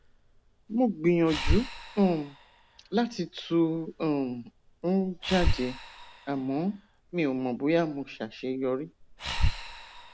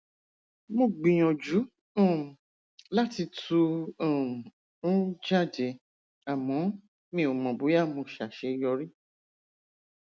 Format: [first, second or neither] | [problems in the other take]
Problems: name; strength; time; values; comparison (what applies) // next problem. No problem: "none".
second | background sound (Breathing); 5 dB below the speech